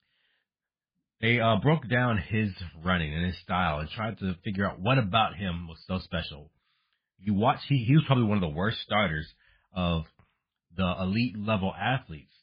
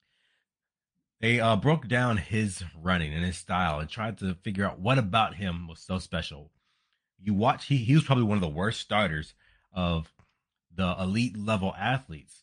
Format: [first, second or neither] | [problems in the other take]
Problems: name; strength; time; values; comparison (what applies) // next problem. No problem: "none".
second | garbled, watery; badly; slightly in the second